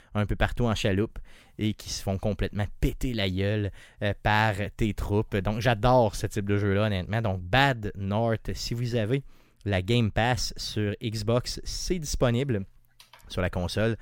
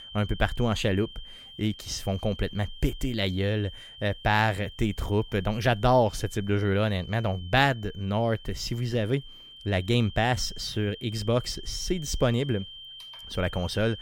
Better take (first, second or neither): first